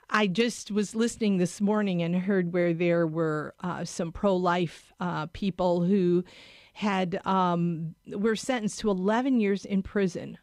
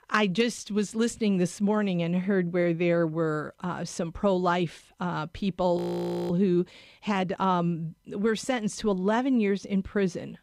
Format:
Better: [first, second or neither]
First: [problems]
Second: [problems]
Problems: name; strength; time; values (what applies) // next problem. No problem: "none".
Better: first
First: none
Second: audio freezing; at 6 s for 0.5 s